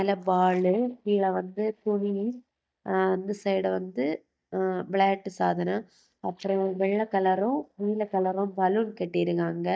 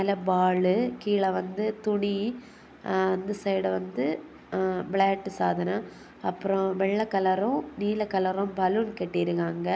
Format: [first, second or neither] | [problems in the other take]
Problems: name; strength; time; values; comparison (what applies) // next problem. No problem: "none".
second | noise reduction (neural mask model DeepFilterNet 3)